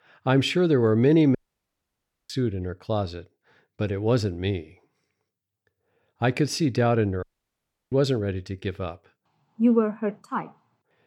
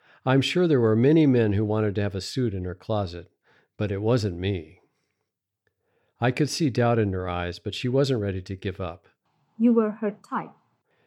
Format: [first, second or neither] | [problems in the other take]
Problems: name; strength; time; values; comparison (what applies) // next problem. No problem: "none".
second | audio cutting out; at 1.5 s for 1 s and at 7 s for 0.5 s